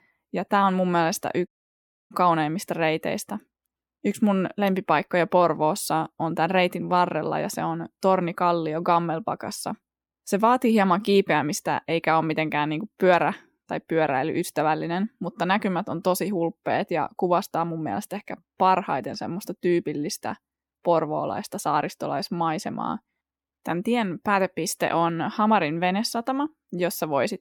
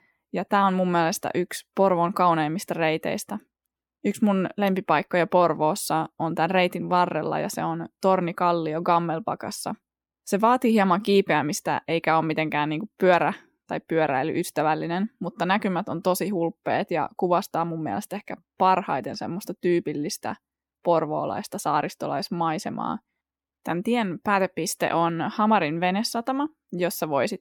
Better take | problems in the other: second | audio cutting out; at 1.5 s for 0.5 s

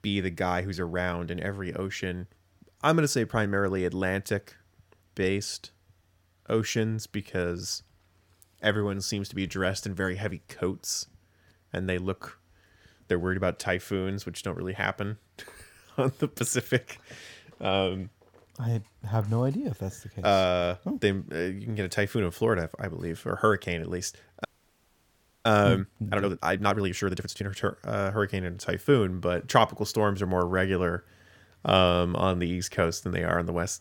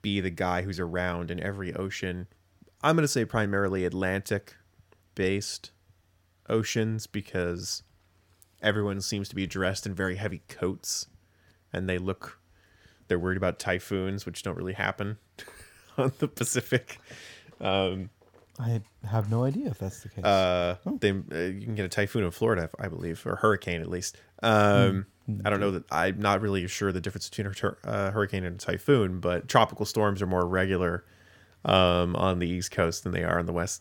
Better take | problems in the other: second | audio freezing; at 24 s for 1 s

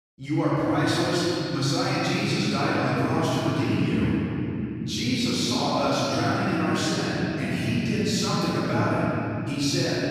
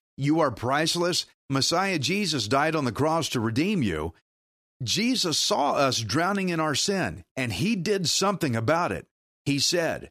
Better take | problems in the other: second | room echo; strong; dies away in 3 s // off-mic speech; far

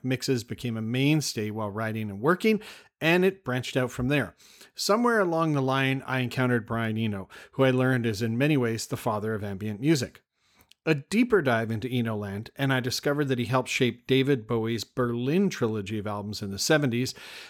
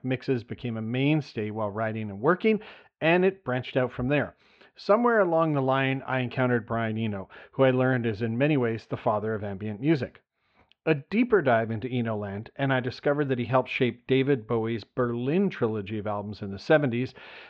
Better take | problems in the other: first | muffled; very; fading above 3 kHz

